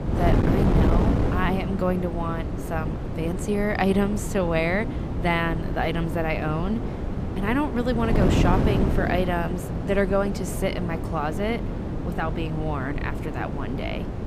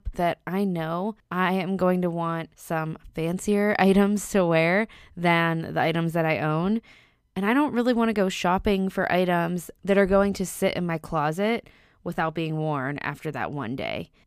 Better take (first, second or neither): second